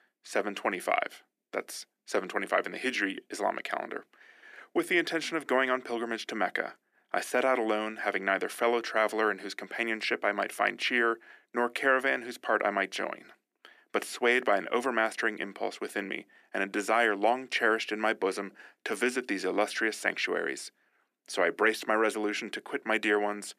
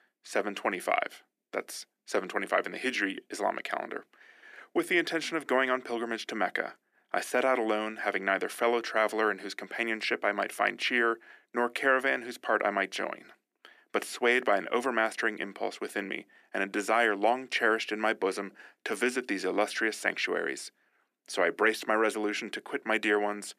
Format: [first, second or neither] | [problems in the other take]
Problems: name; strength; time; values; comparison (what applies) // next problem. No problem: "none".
neither | thin; very; fading below 300 Hz; the same in both